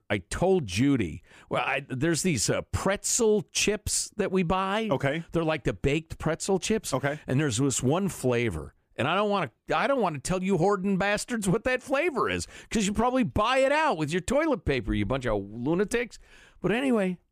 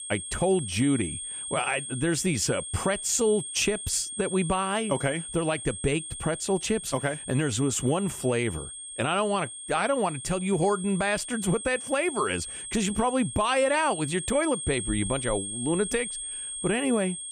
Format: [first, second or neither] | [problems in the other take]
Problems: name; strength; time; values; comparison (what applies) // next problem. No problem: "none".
first | high-pitched whine; loud; throughout; 8.5 kHz, 7 dB below the speech